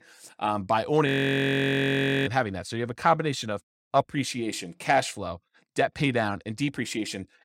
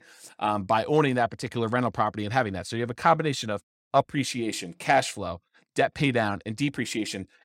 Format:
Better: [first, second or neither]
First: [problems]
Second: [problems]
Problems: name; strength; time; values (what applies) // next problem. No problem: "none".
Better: second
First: audio freezing; at 1 s for 1 s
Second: none